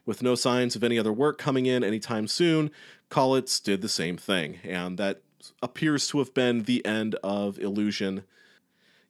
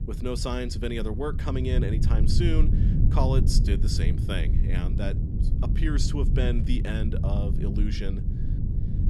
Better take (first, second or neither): first